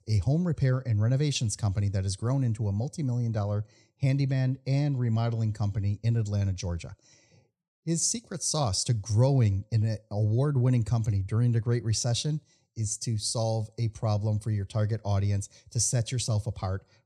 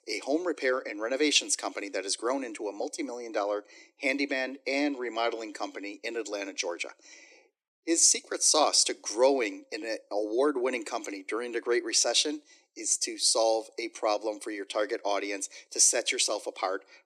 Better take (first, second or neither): first